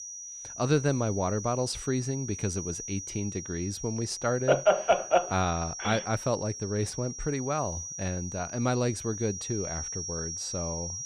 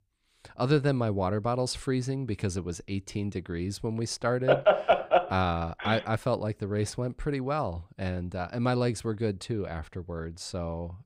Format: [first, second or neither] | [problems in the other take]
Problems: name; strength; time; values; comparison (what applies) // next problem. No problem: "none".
second | high-pitched whine; loud; throughout; 5.5 kHz, 7 dB below the speech